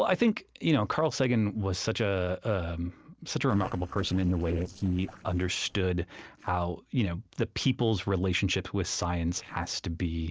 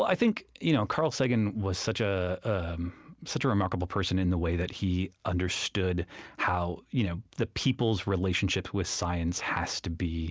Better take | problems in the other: second | noise reduction (neural separator model SepFormer DNS4)

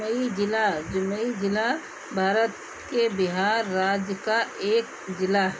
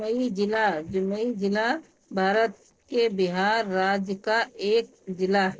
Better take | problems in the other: first | noise reduction (neural separator model SepFormer DNS4)

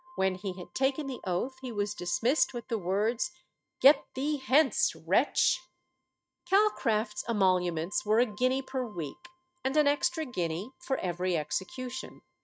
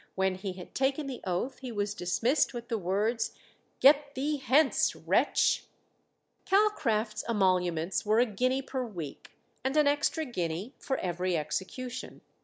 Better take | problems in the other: second | noise reduction (neural mask model RNNoise)

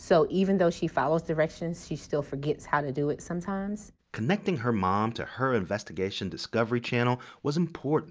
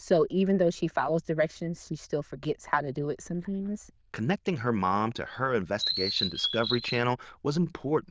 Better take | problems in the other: first | noise reduction (neural diffusion model UNIVERSE++)

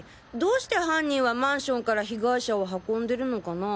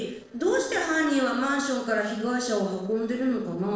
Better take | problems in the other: first | noise reduction (neural separator model SepFormer DNS4)

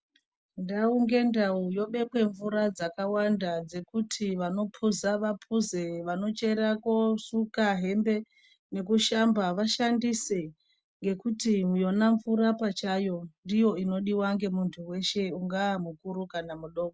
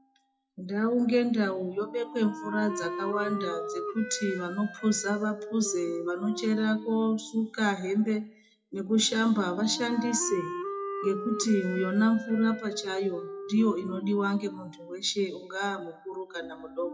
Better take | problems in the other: first | noise reduction (classical method WPE with log-MMSE)

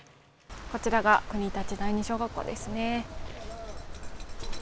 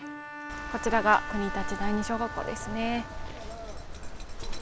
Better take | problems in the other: first | background sound (Bowed string instrument); 11 dB below the speech

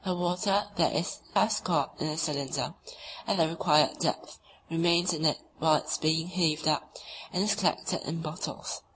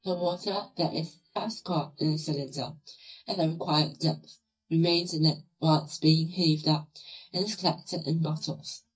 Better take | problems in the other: first | noise reduction (neural mask model DeepFilterNet 3)

